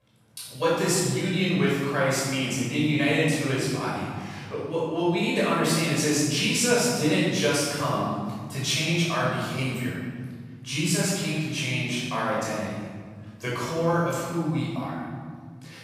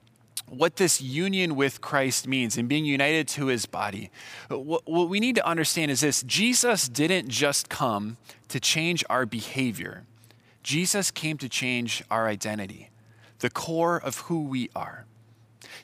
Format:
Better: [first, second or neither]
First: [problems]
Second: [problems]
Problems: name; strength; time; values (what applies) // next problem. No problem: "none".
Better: second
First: off-mic speech; far // room echo; strong; dies away in 1.9 s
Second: none